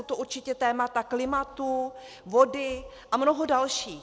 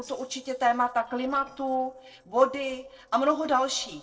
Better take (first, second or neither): first